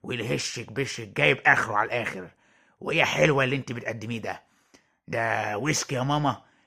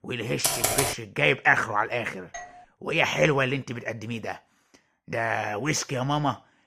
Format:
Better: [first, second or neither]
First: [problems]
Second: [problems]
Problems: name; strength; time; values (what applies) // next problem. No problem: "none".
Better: first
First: none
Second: keyboard typing; loud; at 0.5 s; peak 2 dB above the speech // doorbell; faint; at 2.5 s; peak 15 dB below the speech